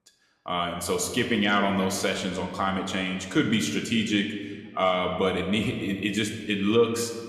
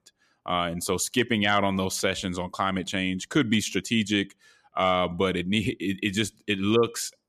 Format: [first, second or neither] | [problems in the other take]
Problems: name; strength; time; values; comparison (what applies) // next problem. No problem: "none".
second | room echo; slight; dies away in 1.5 s